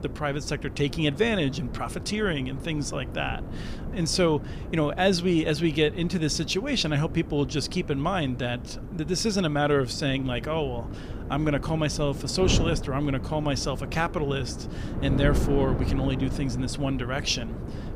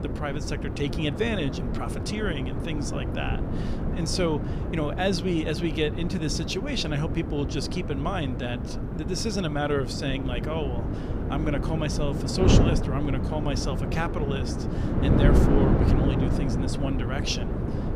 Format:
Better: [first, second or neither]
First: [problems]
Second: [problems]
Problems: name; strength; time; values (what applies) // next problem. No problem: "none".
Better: first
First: wind noise on the microphone; occasional gusts; 15 dB below the speech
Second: wind noise on the microphone; heavy; 3 dB below the speech